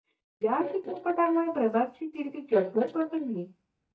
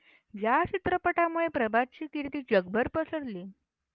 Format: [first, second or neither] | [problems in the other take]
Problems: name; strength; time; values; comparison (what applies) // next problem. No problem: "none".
second | noise reduction (neural mask model DeepFilterNet 3)